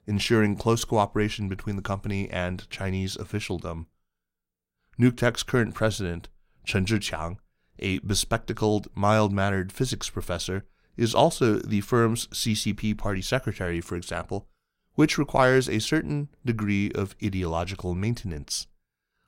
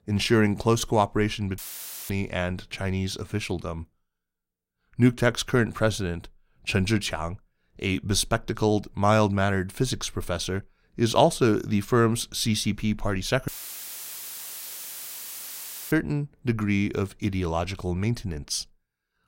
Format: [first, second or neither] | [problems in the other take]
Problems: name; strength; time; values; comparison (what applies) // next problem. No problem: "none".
first | audio cutting out; filled with static; at 1.5 s for 0.5 s and at 13 s for 2.5 s